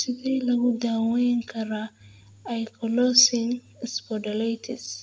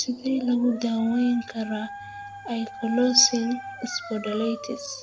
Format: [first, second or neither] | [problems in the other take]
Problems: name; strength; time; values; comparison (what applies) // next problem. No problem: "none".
first | background sound (Dog); 13 dB below the speech